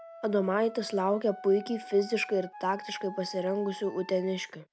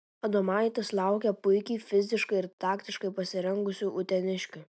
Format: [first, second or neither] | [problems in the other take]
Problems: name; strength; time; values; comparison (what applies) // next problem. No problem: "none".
second | background sound (Wind instrument, woodwind instrument); 16 dB below the speech